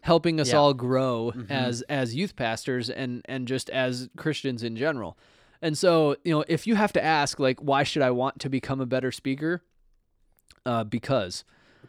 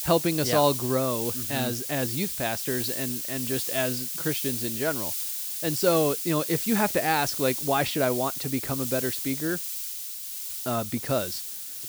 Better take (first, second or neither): first